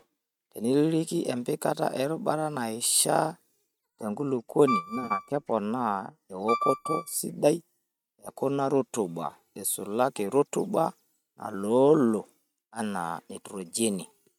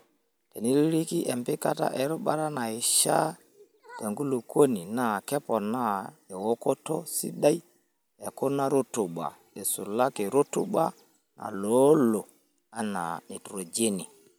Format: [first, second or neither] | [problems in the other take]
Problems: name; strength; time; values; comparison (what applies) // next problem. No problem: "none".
second | noise reduction (neural mask model RNNoise)